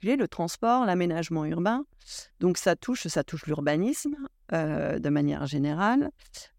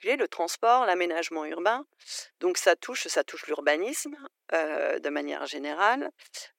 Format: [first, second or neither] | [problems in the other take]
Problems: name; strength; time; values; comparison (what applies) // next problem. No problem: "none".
first | thin; very; fading below 350 Hz